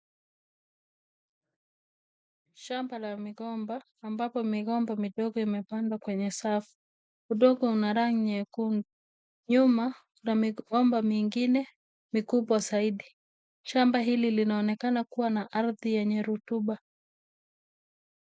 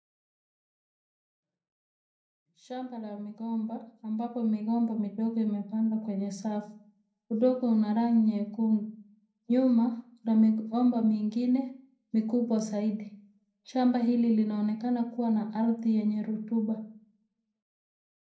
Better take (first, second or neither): first